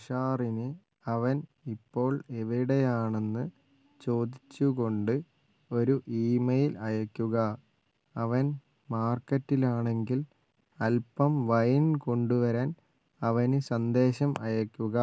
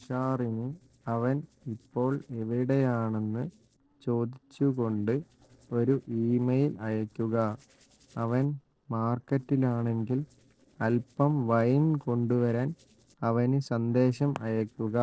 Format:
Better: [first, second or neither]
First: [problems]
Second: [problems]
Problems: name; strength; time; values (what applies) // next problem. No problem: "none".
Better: first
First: none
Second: noise reduction (neural separator model SepFormer DNS4)